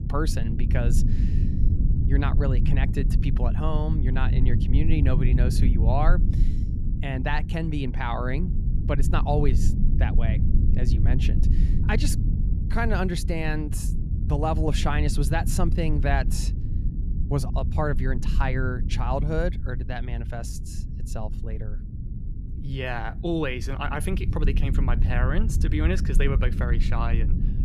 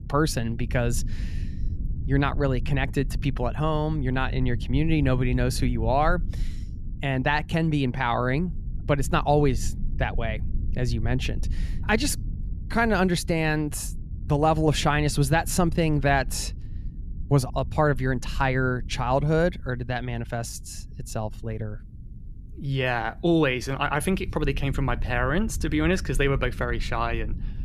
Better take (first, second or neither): second